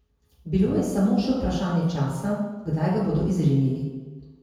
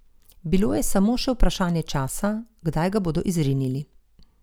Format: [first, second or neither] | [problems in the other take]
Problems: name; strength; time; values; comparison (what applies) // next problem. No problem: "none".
second | room echo; dies away in 1.2 s